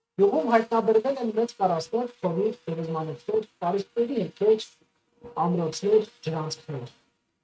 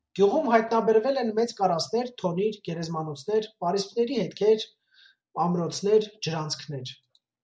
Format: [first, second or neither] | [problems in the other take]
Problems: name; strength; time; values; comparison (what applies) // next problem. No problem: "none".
second | noise reduction (neural mask model RNNoise)